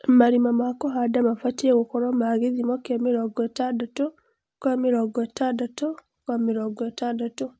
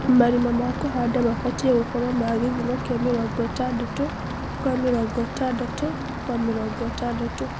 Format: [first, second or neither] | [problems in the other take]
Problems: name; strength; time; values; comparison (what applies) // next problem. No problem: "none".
first | background sound (Rain + Drum); 6 dB below the speech